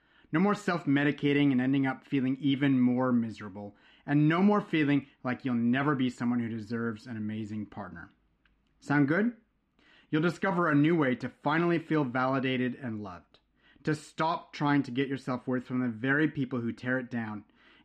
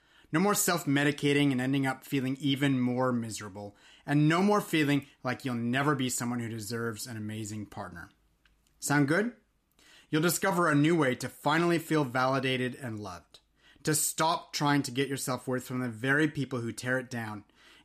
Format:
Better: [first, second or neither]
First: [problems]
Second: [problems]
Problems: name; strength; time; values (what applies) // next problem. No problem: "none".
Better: second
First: muffled; slightly; fading above 2.5 kHz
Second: none